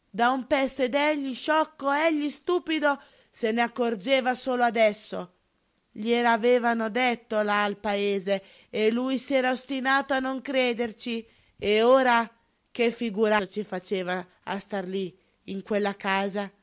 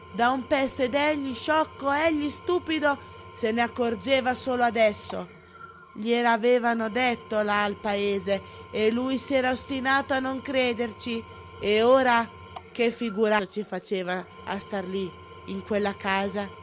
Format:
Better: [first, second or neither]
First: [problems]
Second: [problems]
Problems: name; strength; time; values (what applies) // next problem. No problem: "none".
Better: first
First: none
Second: background sound (Engine / Tools); 19 dB below the speech